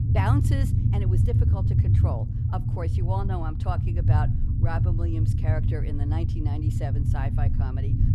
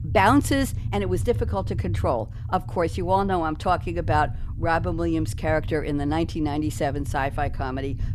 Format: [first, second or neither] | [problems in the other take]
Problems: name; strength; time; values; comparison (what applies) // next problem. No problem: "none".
second | low rumble; loud; throughout; 2 dB below the speech; faint in the second